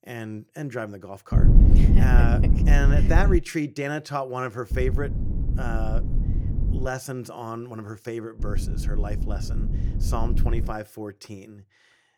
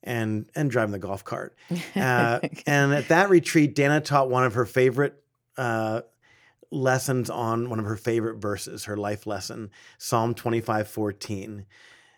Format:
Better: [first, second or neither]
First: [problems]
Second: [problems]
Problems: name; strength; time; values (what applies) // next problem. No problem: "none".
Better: second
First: low rumble; loud; from 1.5 to 3.5 s, from 4.5 to 7 s and from 8.5 to 11 s; 5 dB below the speech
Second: none